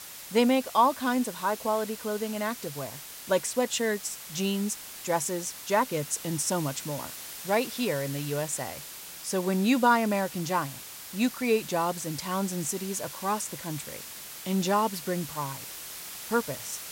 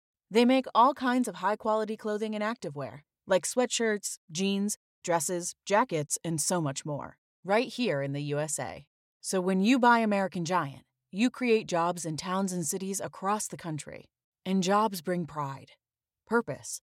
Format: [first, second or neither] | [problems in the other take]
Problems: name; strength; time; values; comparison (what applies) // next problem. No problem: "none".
second | hiss; noticeable; throughout; 10 dB below the speech